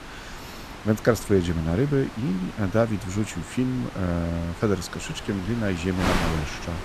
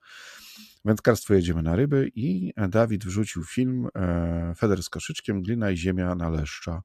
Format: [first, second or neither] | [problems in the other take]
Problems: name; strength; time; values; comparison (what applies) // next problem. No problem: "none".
second | wind noise on the microphone; heavy; 6 dB below the speech